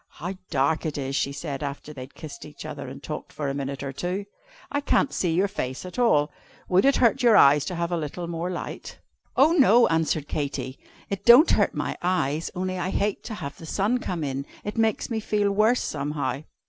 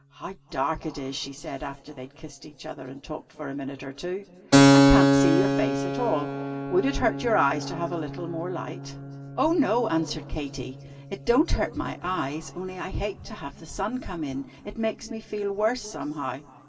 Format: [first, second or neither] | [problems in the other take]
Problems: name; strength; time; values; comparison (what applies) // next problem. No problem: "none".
first | background sound (Keyboard (musical)); 1 dB above the speech // room echo; dies away in 2.4 s